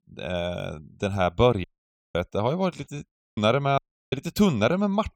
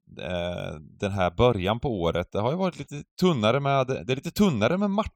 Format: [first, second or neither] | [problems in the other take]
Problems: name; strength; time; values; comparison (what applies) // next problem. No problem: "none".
second | audio cutting out; at 1.5 s for 0.5 s, at 3 s and at 4 s